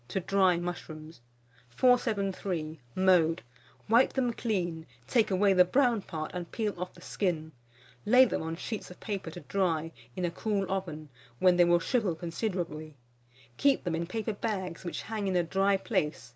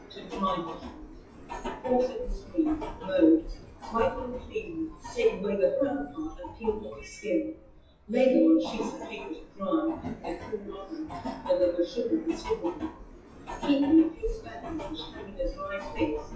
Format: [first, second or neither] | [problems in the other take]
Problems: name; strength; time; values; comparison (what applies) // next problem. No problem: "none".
first | noise reduction (classical method WPE with log-MMSE)